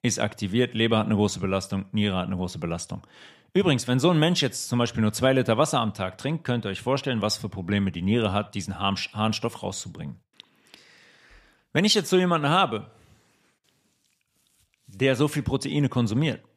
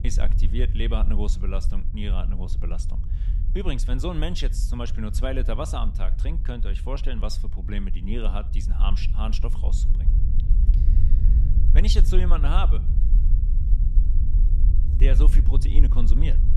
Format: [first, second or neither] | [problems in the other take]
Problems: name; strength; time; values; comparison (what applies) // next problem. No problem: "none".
first | low rumble; loud; throughout; 10 dB below the speech